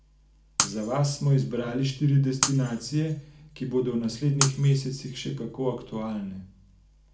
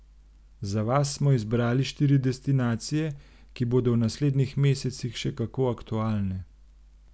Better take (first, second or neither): second